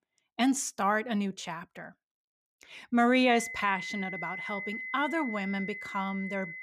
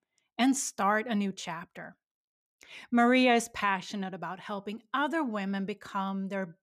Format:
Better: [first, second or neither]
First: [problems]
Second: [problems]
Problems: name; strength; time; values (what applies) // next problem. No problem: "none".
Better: second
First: high-pitched whine; loud; from 3.5 s on; 2 kHz, 7 dB below the speech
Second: none